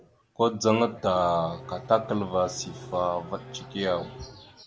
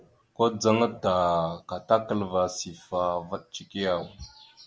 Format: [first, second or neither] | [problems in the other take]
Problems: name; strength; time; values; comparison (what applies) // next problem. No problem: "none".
second | background sound (Race car, auto racing / Engine starting); 16 dB below the speech